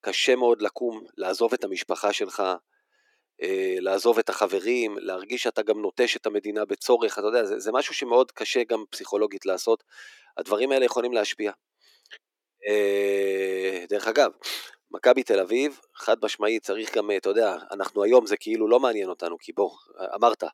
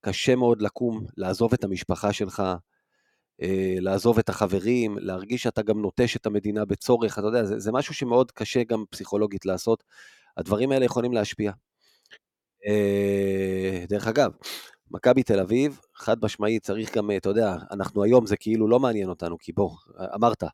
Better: second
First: thin; somewhat; fading below 300 Hz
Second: none

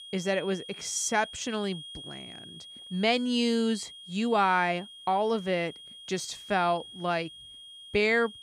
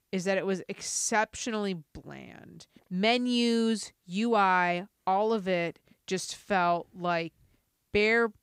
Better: second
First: high-pitched whine; noticeable; throughout; 3.5 kHz, 15 dB below the speech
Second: none

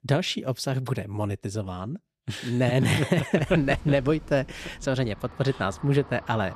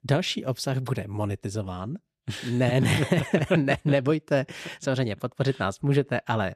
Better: second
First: rain or running water; noticeable; from 3.5 s on; 20 dB below the speech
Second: none

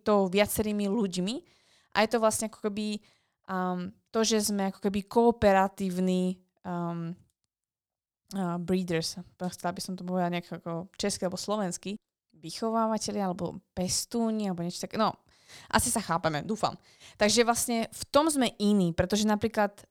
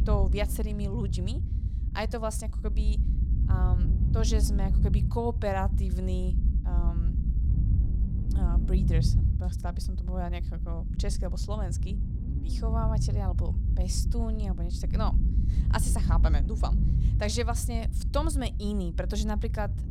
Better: first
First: none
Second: low rumble; loud; throughout; 8 dB below the speech

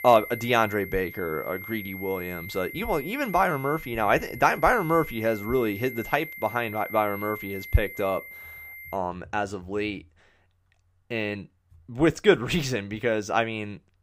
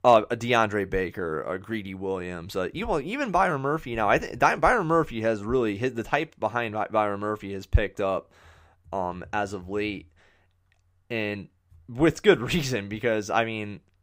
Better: second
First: high-pitched whine; noticeable; until 9 s; 2 kHz, 10 dB below the speech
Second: none

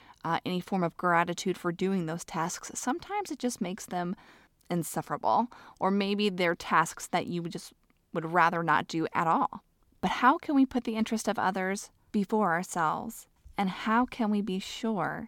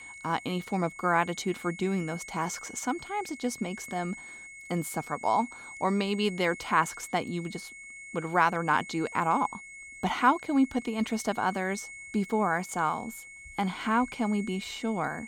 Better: first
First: none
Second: high-pitched whine; noticeable; throughout; 2 kHz, 15 dB below the speech

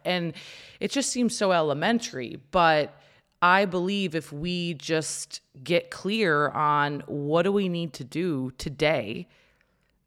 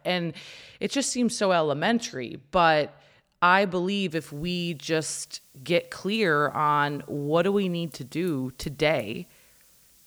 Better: first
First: none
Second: hiss; faint; from 4 s on; 30 dB below the speech

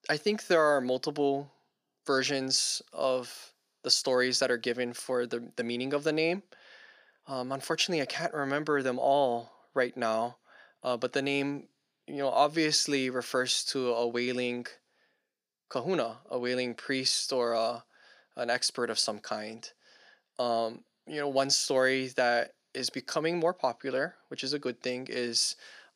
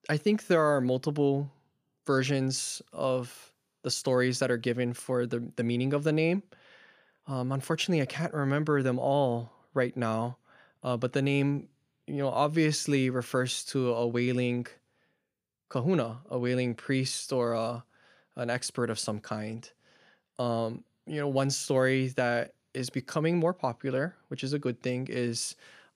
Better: second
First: thin; somewhat; fading below 300 Hz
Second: none

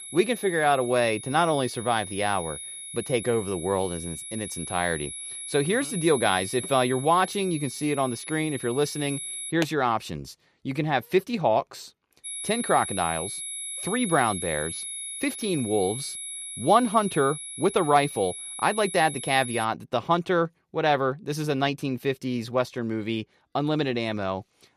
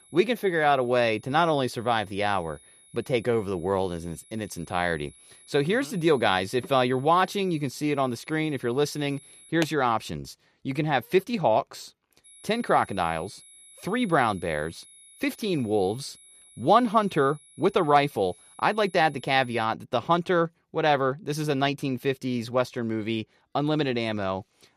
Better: second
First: high-pitched whine; loud; until 9.5 s and from 12 to 20 s; 11 kHz, 8 dB below the speech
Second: high-pitched whine; faint; until 9.5 s and from 12 to 20 s; 11 kHz, 25 dB below the speech

